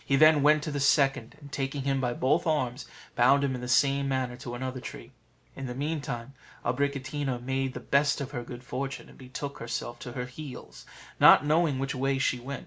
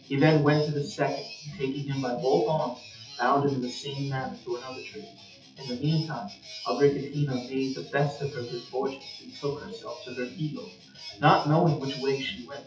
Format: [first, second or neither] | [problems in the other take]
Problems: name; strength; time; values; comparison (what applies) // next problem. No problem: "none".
first | noise reduction (classical method WPE with log-MMSE)